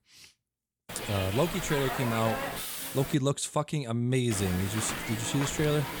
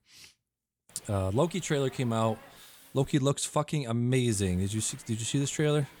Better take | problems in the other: second | hiss; loud; from 1 to 3 s and from 4.5 s on; 5 dB below the speech; faint in the second

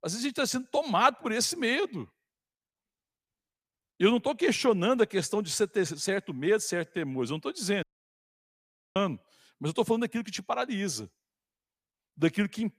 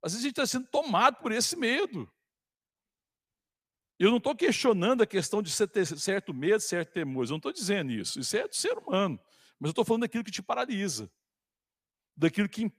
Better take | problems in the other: second | audio cutting out; at 8 s for 1 s

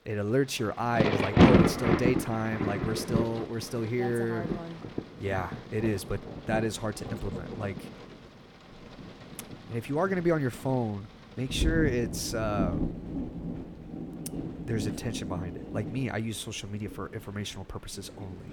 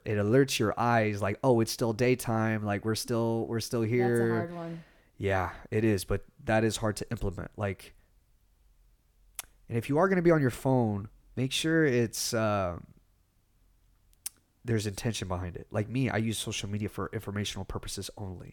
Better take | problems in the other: second | rain or running water; very loud; throughout; 1 dB above the speech

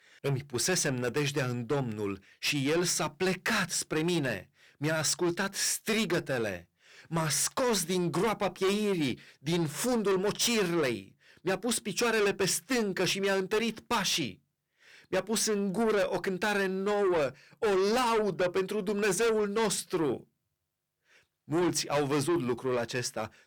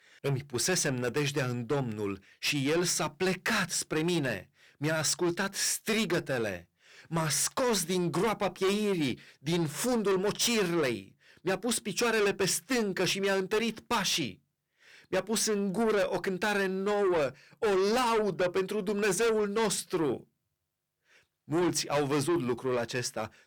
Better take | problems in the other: neither | distortion; heavy; 6 dB below the speech; the same in both

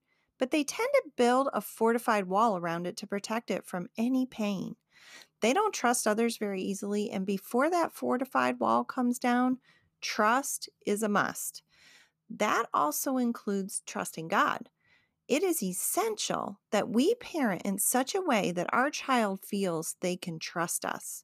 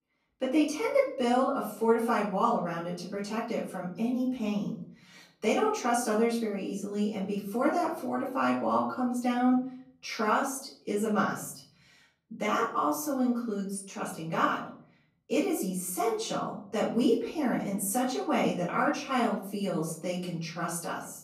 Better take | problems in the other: first | off-mic speech; far // room echo; noticeable; dies away in 0.7 s

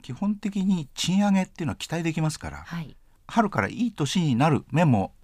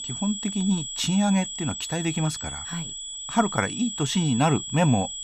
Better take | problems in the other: first | high-pitched whine; loud; throughout; 3.5 kHz, 7 dB below the speech

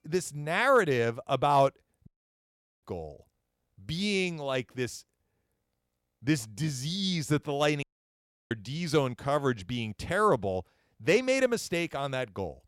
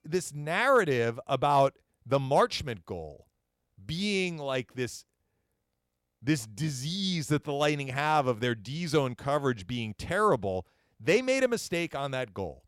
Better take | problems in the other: second | audio cutting out; at 2 s for 1 s and at 8 s for 0.5 s

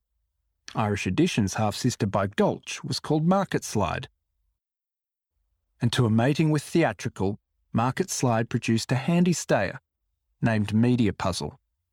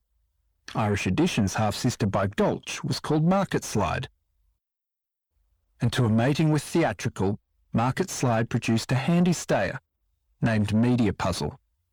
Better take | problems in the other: first | distortion; slight; 10 dB below the speech

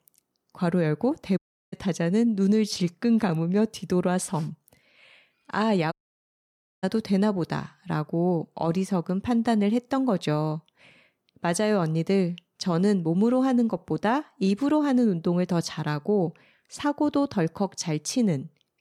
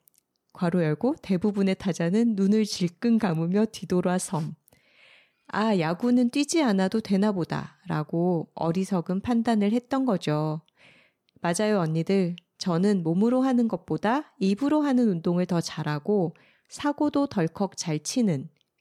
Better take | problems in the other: second | audio cutting out; at 1.5 s and at 6 s for 1 s

